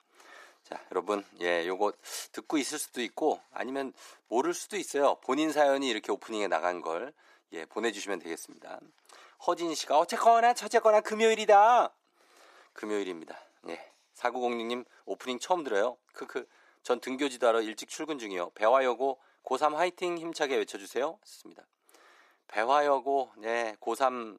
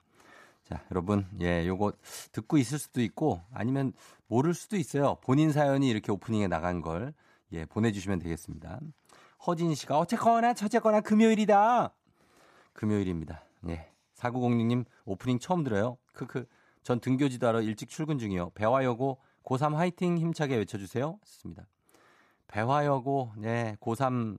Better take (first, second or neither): second